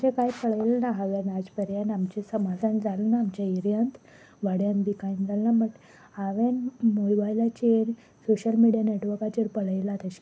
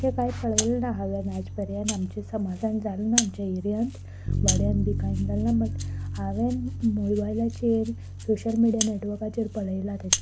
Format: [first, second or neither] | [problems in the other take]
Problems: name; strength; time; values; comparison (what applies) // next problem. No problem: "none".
first | background sound (Rattle (instrument) + Bass guitar); 3 dB below the speech